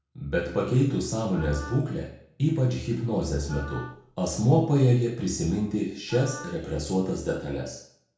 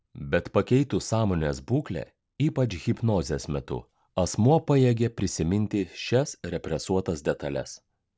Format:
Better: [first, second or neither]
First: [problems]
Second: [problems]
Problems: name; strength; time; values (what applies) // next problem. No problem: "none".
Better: second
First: background sound (Wind instrument, woodwind instrument); 17 dB below the speech // room echo; dies away in 0.6 s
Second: none